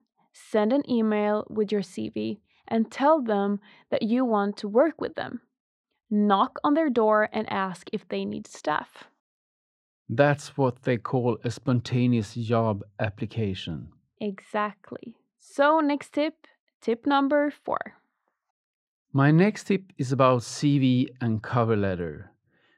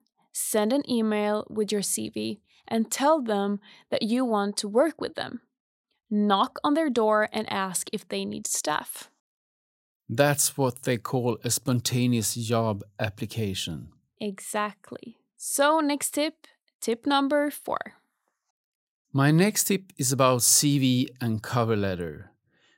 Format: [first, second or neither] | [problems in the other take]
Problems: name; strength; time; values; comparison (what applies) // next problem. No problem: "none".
second | muffled; very; fading above 2.5 kHz